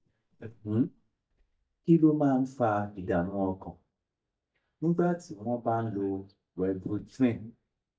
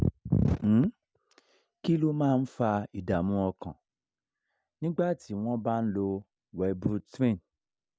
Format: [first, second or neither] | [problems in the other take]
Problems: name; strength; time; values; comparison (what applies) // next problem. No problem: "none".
second | noise reduction (neural mask model DeepFilterNet 3)